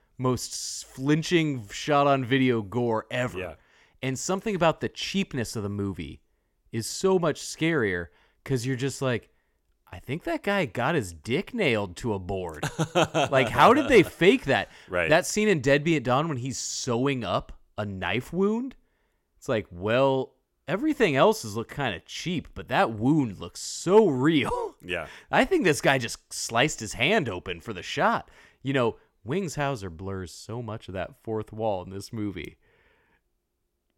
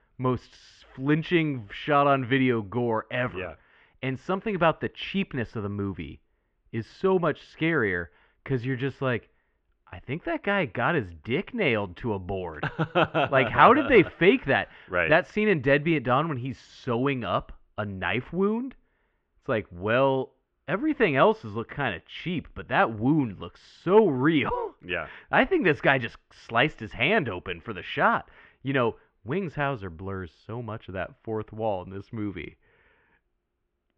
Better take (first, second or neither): first